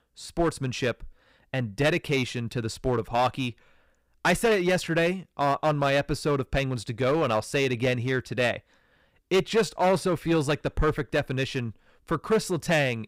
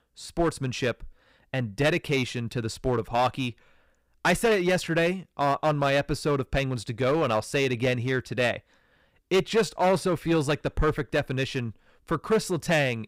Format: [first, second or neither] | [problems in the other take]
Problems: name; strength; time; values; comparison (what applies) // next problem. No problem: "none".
neither | distortion; slight; 6% of the sound clipped; the same in both